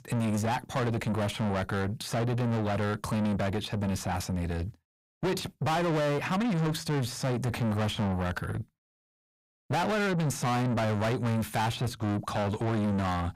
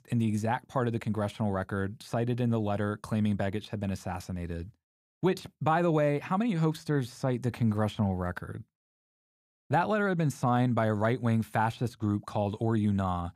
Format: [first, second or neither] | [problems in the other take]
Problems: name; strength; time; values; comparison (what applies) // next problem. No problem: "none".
second | distortion; heavy; 6 dB below the speech